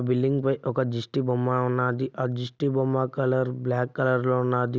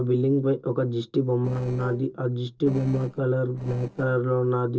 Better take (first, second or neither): first